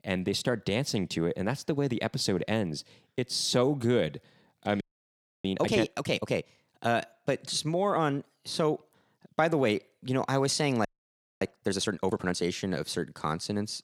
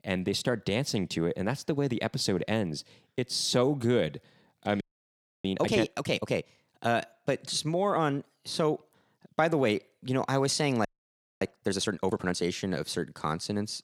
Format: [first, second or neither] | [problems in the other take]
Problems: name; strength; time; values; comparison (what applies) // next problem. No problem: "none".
neither | audio freezing; at 5 s for 0.5 s and at 11 s for 0.5 s; the same in both